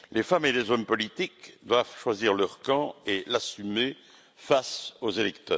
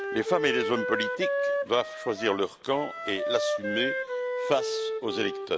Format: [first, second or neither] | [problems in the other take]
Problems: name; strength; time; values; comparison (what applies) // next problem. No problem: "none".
first | background sound (Wind instrument, woodwind instrument); 1 dB below the speech